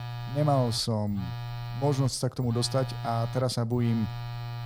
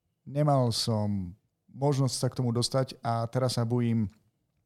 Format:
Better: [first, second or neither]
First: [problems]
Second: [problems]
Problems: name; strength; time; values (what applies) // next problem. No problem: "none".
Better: second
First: phone ringing; noticeable; peak 7 dB below the speech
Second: none